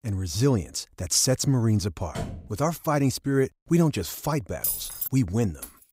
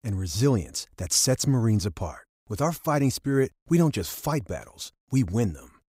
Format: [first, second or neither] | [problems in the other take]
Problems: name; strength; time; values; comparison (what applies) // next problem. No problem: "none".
second | door banging; noticeable; at 2 s; peak 10 dB below the speech // jangling keys; noticeable; at 4.5 s; peak 2 dB below the speech // jangling keys; faint; at 5.5 s; peak 15 dB below the speech